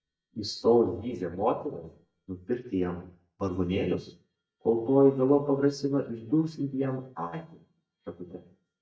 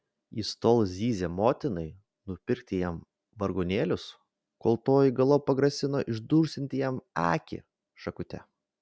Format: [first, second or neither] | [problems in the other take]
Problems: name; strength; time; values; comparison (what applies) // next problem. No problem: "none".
second | noise reduction (neural mask model DeepFilterNet 3)